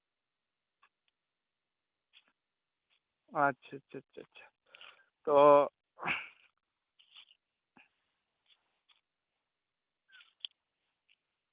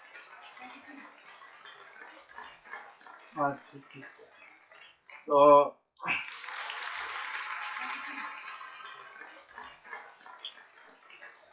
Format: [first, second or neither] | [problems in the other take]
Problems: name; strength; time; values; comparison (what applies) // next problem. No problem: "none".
first | noise reduction (classical method WPE with log-MMSE)